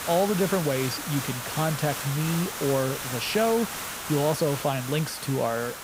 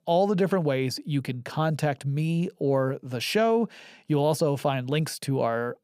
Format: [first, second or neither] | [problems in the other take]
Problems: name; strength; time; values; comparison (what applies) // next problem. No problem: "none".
second | hiss; loud; throughout; 5 dB below the speech